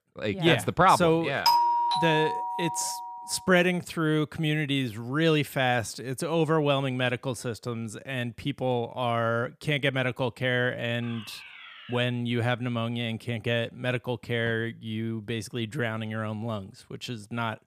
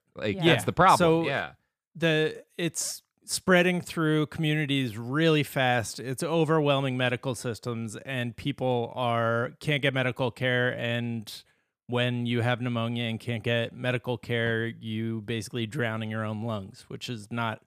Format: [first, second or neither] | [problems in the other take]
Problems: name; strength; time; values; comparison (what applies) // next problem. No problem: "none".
second | doorbell; loud; from 1.5 to 3 s; peak 6 dB above the speech // alarm; faint; from 11 to 12 s; peak 15 dB below the speech